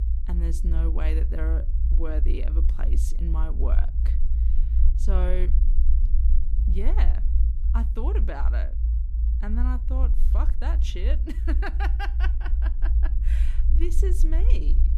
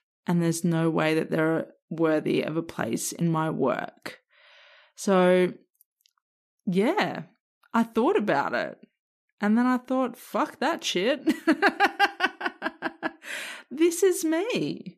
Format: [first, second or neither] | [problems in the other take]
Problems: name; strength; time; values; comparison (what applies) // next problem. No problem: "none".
second | low rumble; loud; throughout; 8 dB below the speech